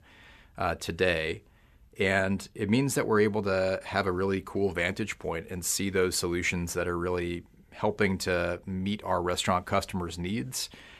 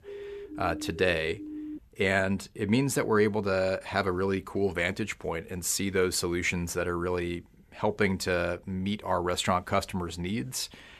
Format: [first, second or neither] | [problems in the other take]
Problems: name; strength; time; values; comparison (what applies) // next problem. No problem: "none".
first | siren; faint; until 2 s; peak 10 dB below the speech